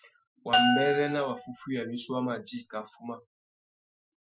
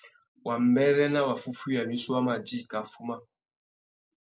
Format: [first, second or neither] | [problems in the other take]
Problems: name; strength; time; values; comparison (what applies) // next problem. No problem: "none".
second | noise reduction (classical method Wiener filter)